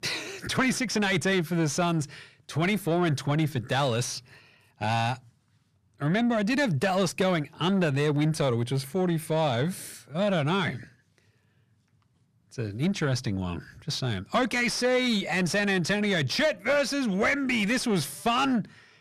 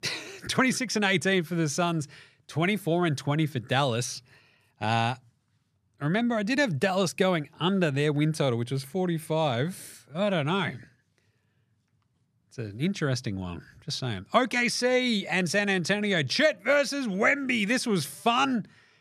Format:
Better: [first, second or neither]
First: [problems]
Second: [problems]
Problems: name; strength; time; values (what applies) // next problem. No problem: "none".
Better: second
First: distortion; slight; 10 dB below the speech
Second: none